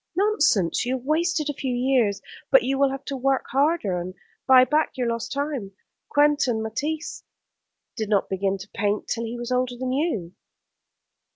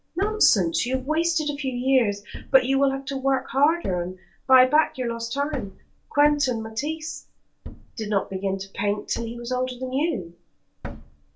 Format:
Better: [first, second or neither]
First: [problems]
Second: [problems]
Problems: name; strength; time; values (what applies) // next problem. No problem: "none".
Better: first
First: none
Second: background sound (Thump, thud); 15 dB below the speech // room echo; dies away in 0.2 s